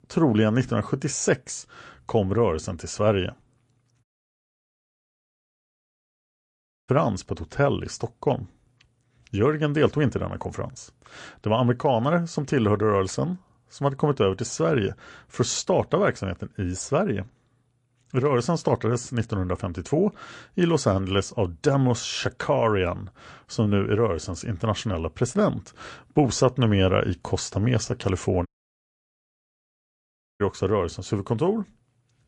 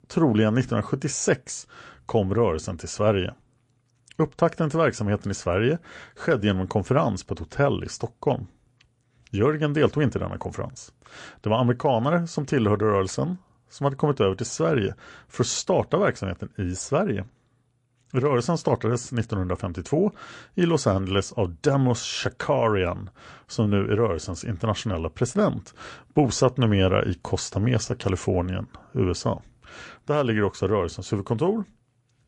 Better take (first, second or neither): second